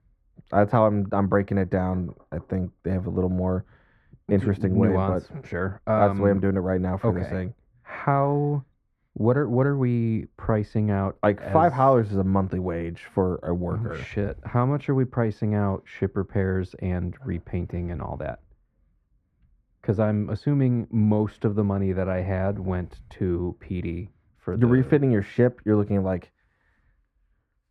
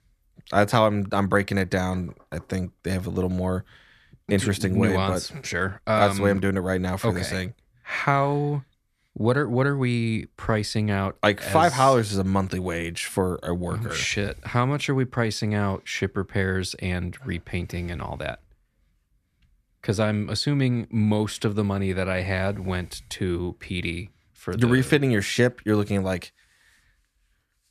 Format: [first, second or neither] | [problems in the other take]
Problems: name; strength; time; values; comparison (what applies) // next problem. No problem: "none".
second | muffled; very; fading above 2.5 kHz